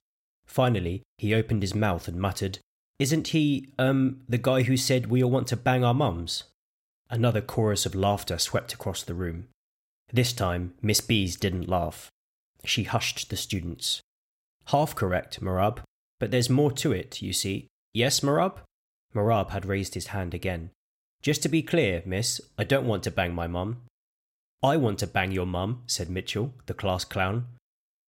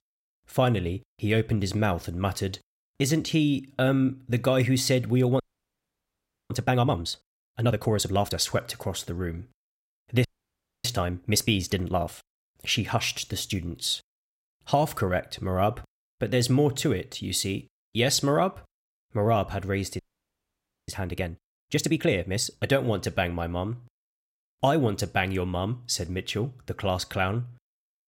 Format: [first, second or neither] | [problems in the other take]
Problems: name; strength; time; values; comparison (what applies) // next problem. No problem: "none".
first | audio freezing; at 5.5 s for 1 s, at 10 s for 0.5 s and at 20 s for 1 s